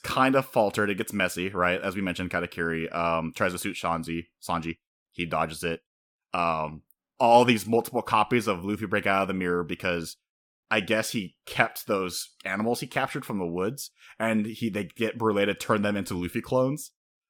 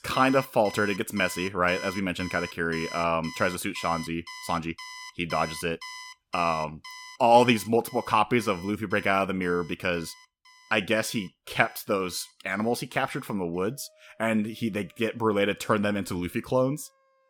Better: first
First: none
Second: alarms or sirens; noticeable; throughout; 15 dB below the speech

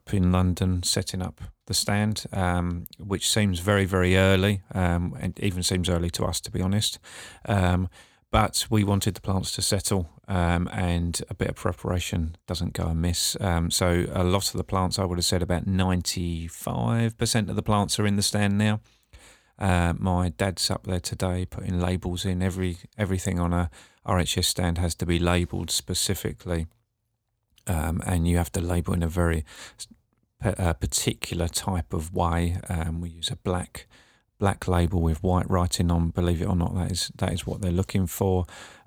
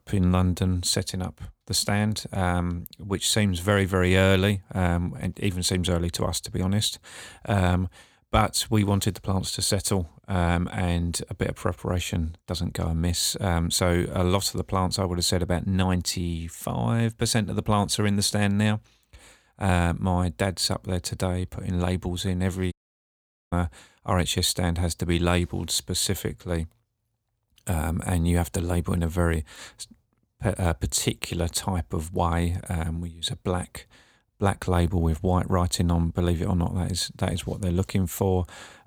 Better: first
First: none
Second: audio cutting out; at 23 s for 1 s

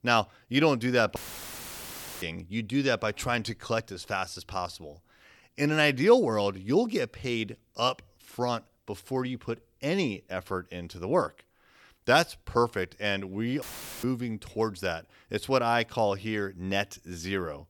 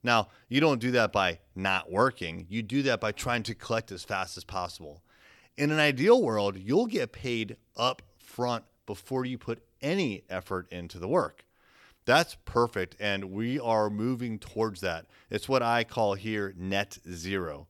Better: second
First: audio cutting out; filled with static; at 1 s for 1 s and at 14 s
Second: none

